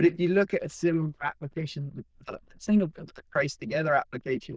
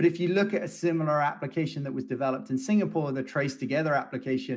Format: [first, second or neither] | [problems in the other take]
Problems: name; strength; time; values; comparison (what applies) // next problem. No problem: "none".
second | noise reduction (neural diffusion model UNIVERSE++)